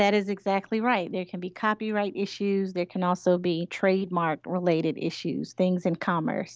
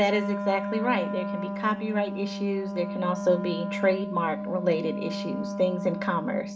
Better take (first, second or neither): first